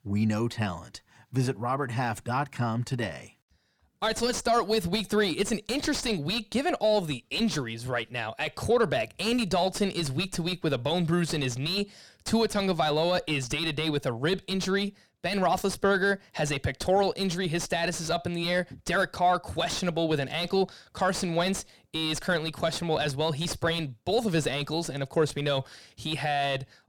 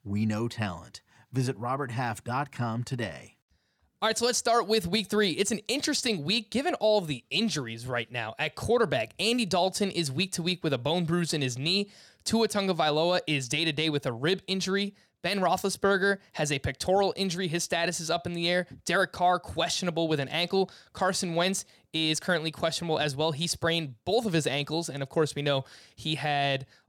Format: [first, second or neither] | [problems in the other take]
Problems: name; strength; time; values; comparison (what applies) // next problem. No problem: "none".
second | distortion; slight; 8 dB below the speech